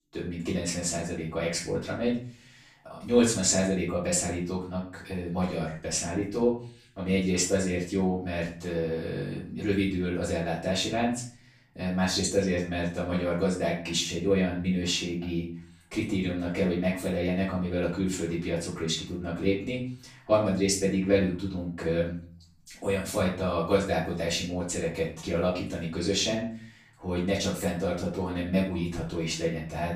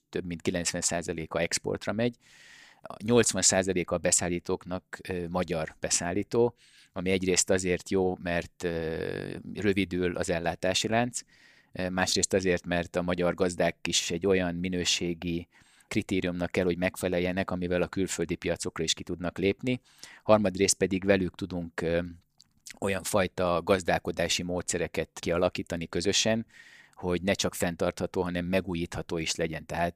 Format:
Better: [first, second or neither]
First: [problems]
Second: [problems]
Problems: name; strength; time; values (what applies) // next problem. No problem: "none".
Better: second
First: off-mic speech; far // room echo; noticeable; dies away in 0.4 s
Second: none